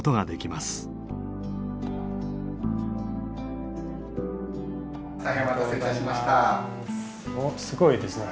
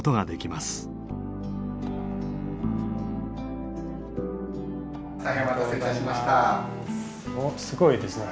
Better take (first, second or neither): first